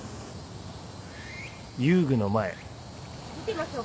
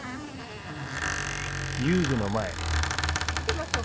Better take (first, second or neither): first